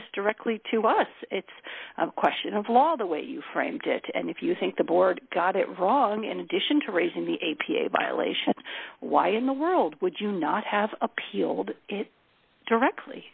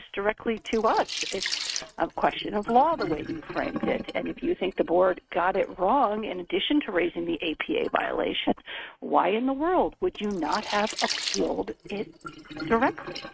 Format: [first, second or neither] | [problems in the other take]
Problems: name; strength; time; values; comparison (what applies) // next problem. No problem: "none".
first | noise reduction (neural mask model RNNoise)